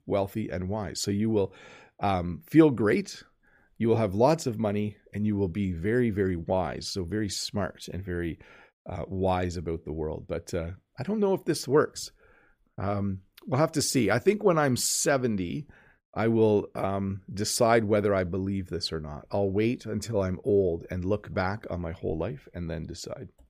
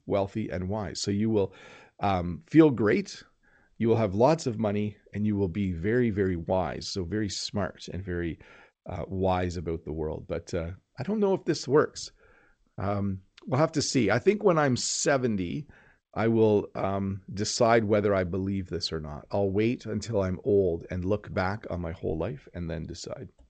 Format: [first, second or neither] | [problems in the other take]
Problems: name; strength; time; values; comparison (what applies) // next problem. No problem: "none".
first | garbled, watery; slightly; nothing above 8 kHz